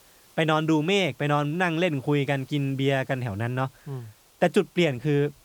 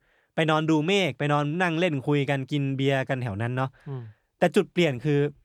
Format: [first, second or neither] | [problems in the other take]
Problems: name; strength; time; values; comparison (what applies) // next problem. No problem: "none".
second | hiss; faint; throughout; 30 dB below the speech